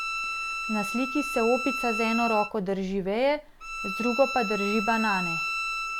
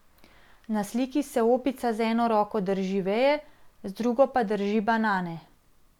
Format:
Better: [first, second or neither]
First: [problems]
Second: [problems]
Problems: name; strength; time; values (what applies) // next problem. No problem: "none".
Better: second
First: background sound (Bowed string instrument); 4 dB below the speech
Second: none